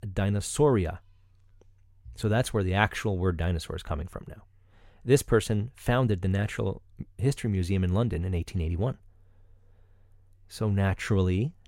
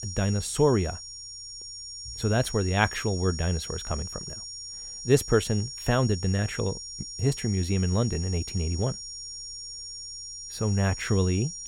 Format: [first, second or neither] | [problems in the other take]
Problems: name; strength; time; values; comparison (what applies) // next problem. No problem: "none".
first | high-pitched whine; loud; throughout; 5.5 kHz, 9 dB below the speech